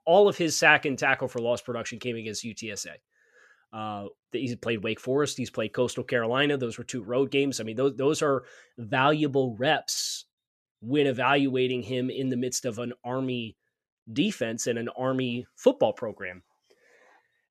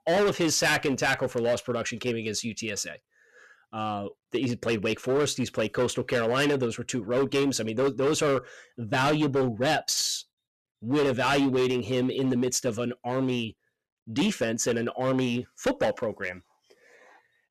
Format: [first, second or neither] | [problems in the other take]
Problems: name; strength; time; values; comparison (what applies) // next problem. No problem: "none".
first | distortion; heavy; 10% of the sound clipped